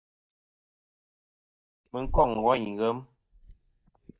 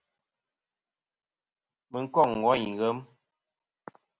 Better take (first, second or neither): second